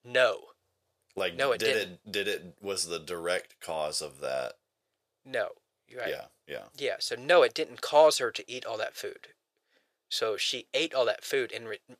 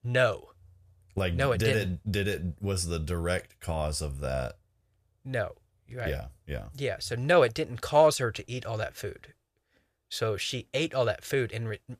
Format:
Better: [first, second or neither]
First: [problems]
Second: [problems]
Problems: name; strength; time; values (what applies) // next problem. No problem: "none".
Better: second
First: thin; very; fading below 400 Hz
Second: none